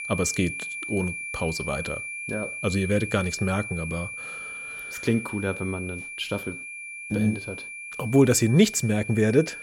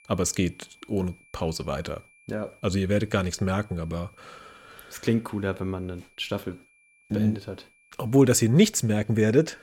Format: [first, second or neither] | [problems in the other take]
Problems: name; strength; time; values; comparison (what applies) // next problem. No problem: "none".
second | high-pitched whine; loud; throughout; 2.5 kHz, 8 dB below the speech; faint in the second